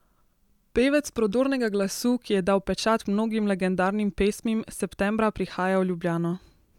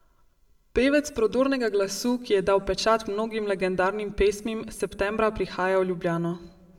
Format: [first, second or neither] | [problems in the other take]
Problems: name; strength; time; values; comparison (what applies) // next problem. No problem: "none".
first | room echo; dies away in 0.7 s